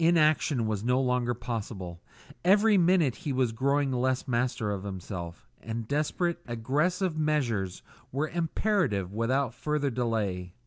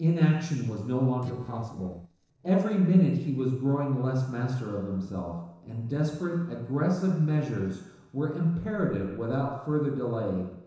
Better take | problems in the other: first | noise reduction (neural separator model SepFormer DNS4)

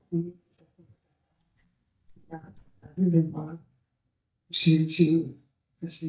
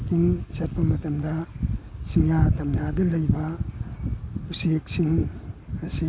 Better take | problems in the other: second | noise reduction (neural mask model DeepFilterNet 3)

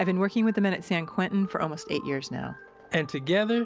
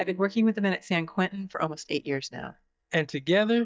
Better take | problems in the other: first | noise reduction (neural mask model DeepFilterNet 3)

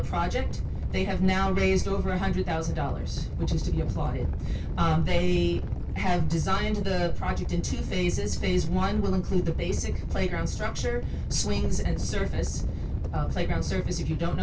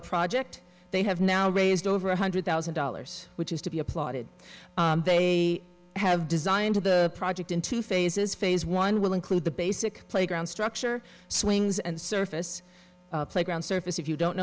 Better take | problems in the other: second | background sound (Animal); 2 dB below the speech // room echo; dies away in 0.2 s

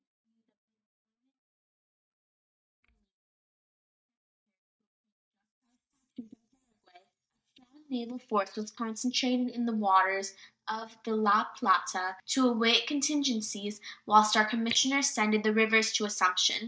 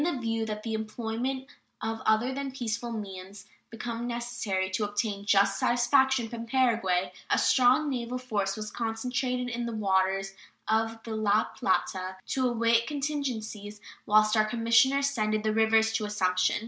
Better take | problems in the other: second | noise reduction (neural mask model DeepFilterNet 3)

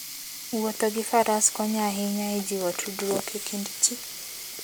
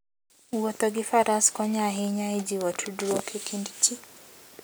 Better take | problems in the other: second | background sound (Sink (filling or washing)); 10 dB below the speech

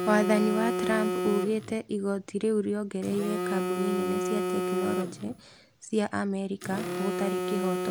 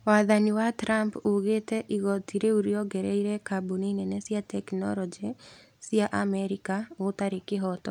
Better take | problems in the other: second | background sound (Telephone); 2 dB below the speech

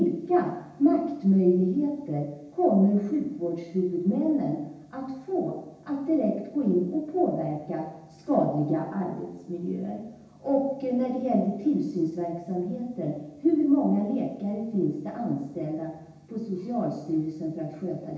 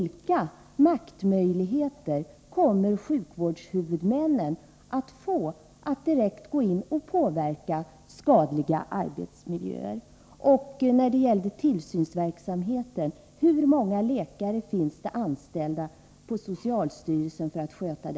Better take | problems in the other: second | room echo; dies away in 0.9 s

